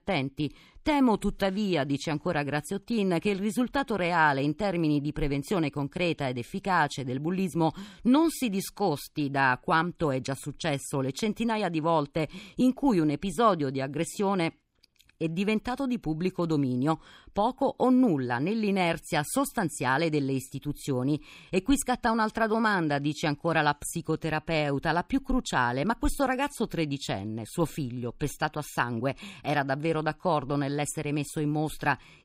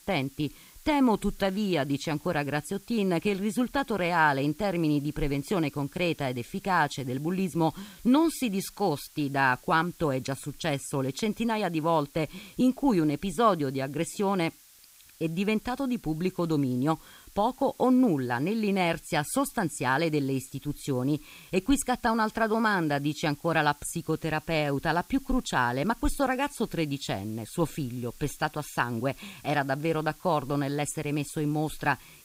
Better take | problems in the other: first | hiss; faint; throughout; 25 dB below the speech

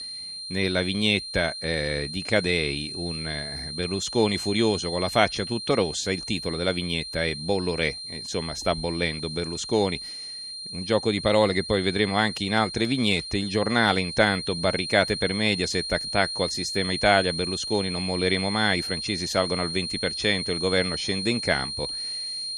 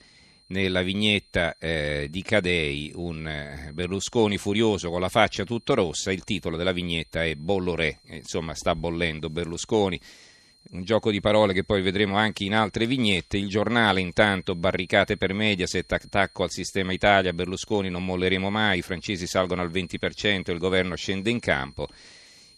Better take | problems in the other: second | high-pitched whine; loud; throughout; 4 kHz, 6 dB below the speech; faint in the second

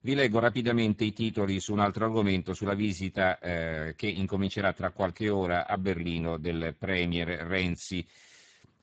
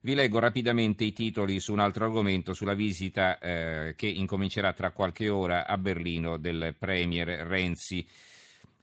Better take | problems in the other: second | garbled, watery; badly; nothing above 7.5 kHz; slightly in the second

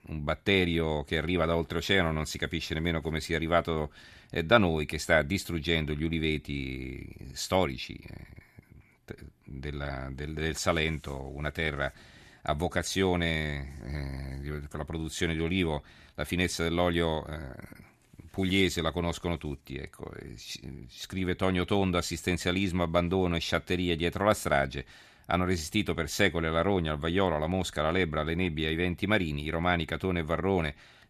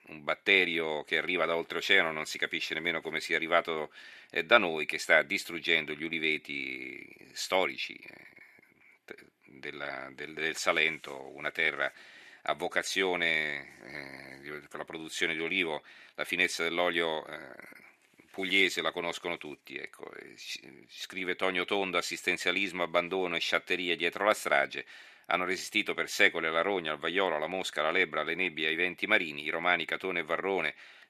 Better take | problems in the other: first | thin; somewhat; fading below 400 Hz

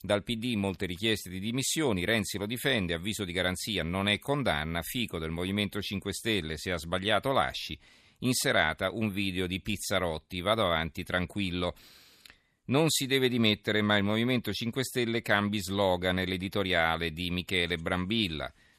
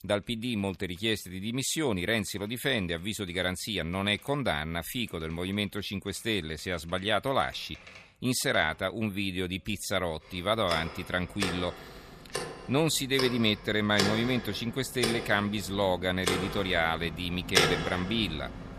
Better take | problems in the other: first | household noises; loud; throughout; 4 dB below the speech

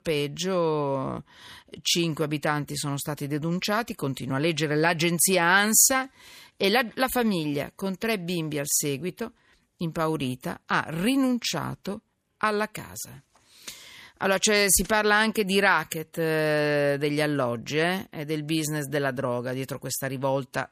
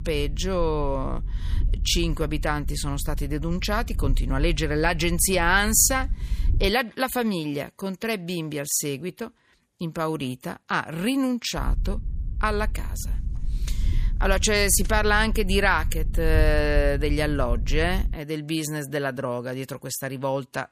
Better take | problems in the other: first | low rumble; faint; until 6.5 s and from 12 to 18 s; 25 dB below the speech

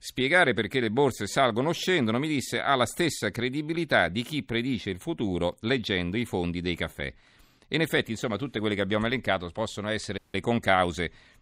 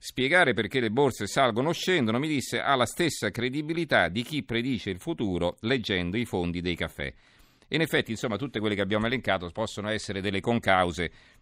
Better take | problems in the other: second | audio cutting out; at 10 s

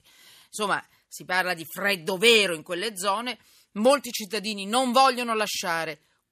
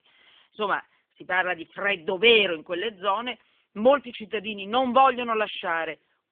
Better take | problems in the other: first | phone-call audio; nothing above 3.5 kHz

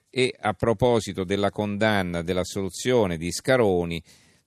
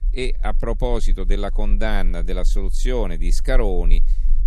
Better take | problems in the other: first | low rumble; faint; throughout; 25 dB below the speech

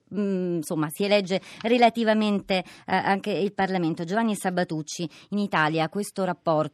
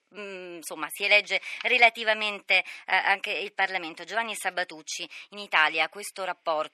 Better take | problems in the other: first | thin; very; fading below 700 Hz

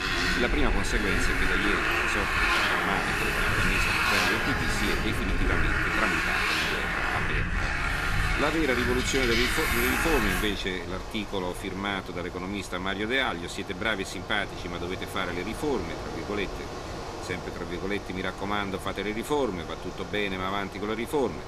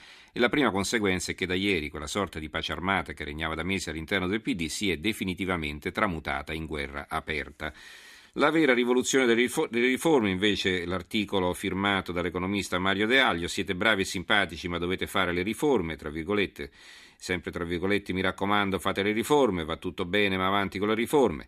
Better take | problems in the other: second | traffic noise; very loud; throughout; 4 dB above the speech

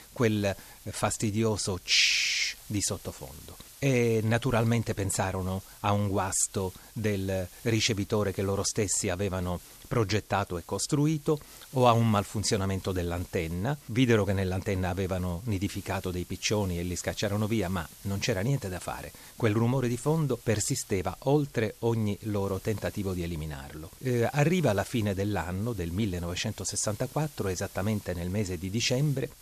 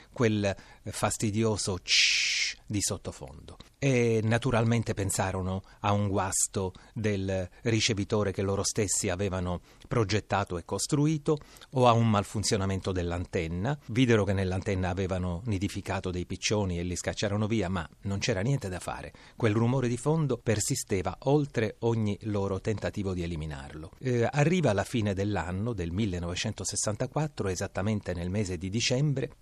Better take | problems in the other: second | hiss; faint; throughout; 20 dB below the speech

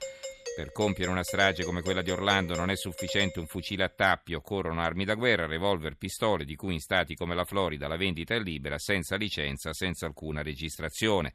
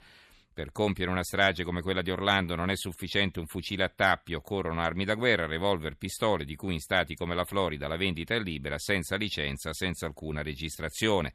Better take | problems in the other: second | doorbell; noticeable; until 3.5 s; peak 8 dB below the speech

